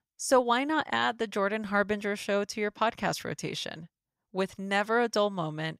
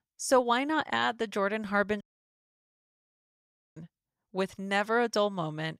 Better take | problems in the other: first | audio cutting out; at 2 s for 2 s

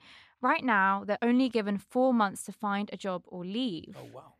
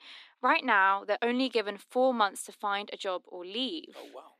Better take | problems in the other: first | thin; somewhat; fading below 300 Hz

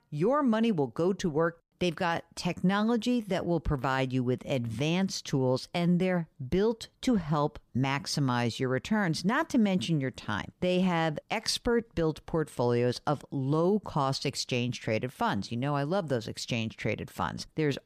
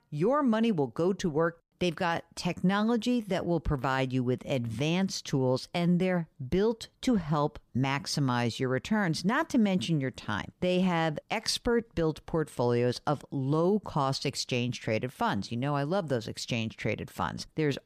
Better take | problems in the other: neither | none

